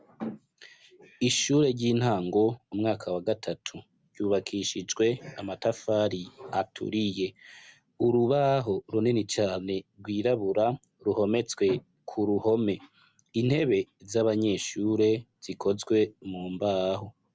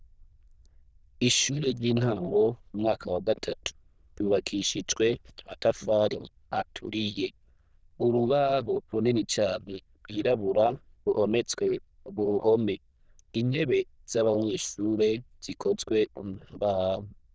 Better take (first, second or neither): first